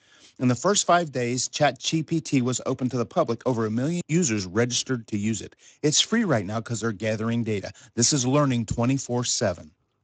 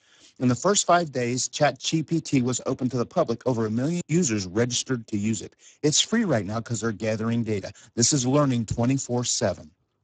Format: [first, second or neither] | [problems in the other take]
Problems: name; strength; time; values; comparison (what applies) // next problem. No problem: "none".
first | garbled, watery; badly; nothing above 7.5 kHz; slightly in the first